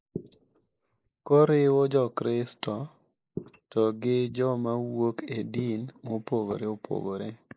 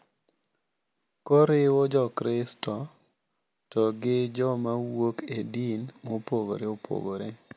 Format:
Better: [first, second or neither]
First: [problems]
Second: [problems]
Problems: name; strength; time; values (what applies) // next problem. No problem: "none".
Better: second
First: noise reduction (neural mask model Resemble Enhance denoiser)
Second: none